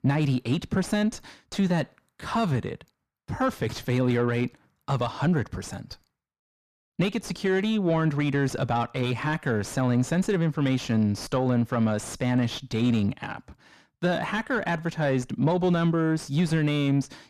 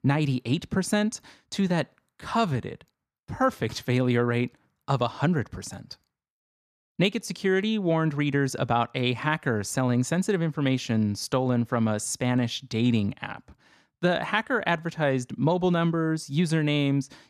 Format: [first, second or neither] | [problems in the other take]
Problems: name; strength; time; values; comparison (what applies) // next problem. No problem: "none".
second | distortion; slight; 10 dB below the speech